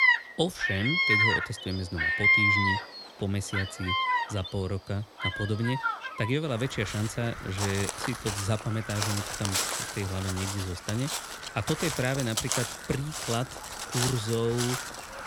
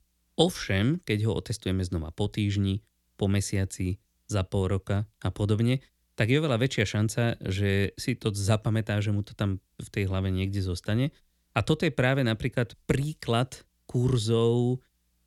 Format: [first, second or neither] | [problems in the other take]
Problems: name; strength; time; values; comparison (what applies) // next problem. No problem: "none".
second | animal sounds; very loud; throughout; 3 dB above the speech